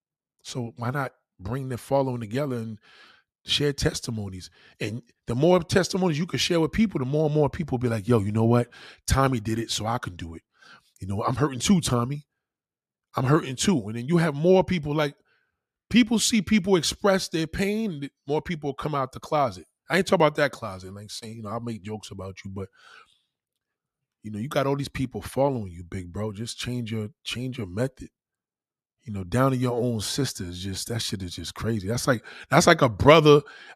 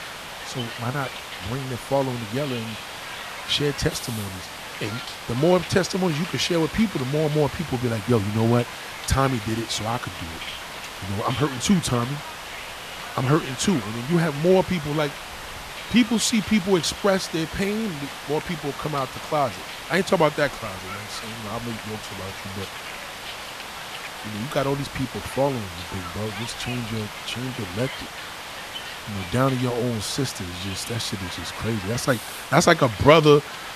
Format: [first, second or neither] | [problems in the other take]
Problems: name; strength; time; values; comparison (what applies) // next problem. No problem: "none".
first | hiss; loud; throughout; 10 dB below the speech